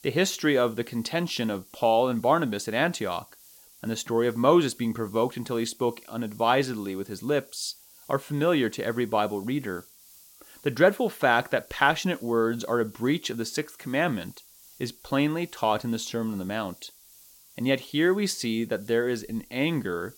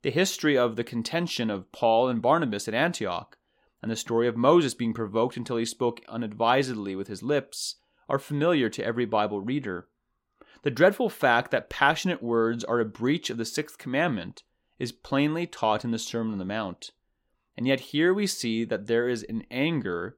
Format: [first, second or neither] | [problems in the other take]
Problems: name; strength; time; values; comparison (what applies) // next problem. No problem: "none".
second | hiss; faint; throughout; 25 dB below the speech